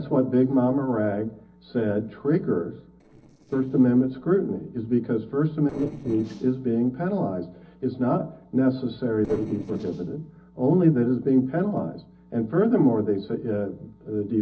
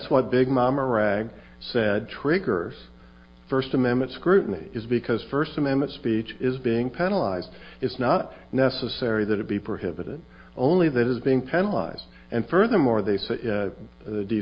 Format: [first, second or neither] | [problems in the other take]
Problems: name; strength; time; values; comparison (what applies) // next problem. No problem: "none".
second | noise reduction (neural separator model SepFormer DNS4)